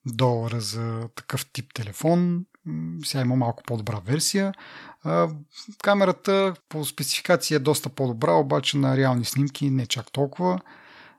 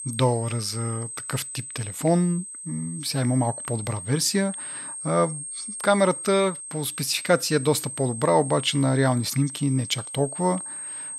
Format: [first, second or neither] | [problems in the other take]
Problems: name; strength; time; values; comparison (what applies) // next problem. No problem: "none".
first | high-pitched whine; loud; throughout; 8.5 kHz, 9 dB below the speech